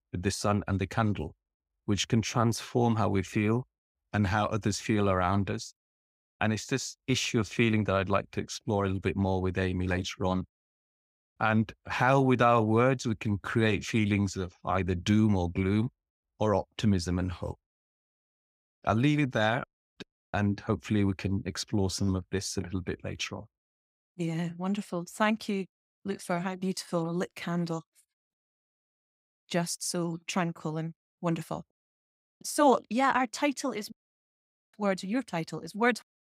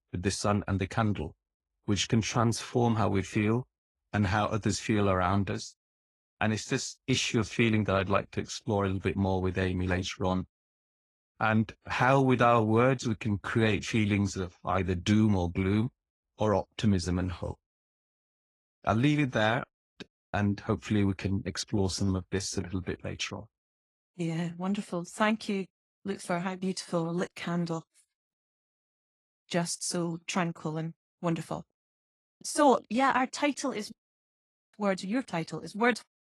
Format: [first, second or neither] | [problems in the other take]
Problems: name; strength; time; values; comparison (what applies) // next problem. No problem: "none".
first | garbled, watery; slightly